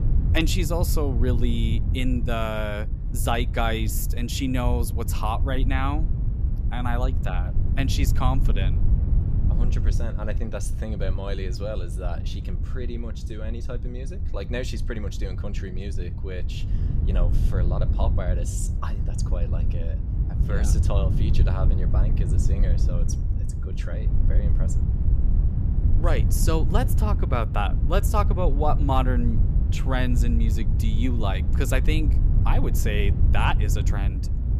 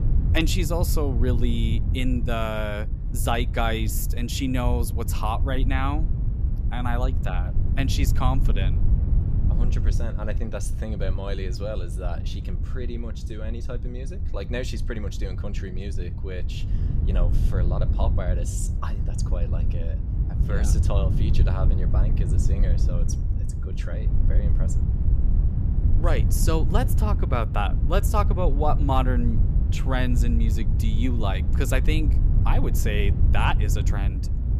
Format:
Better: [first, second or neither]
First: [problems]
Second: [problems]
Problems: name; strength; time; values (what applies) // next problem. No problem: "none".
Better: neither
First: wind noise on the microphone; heavy; 9 dB below the speech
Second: wind noise on the microphone; heavy; 9 dB below the speech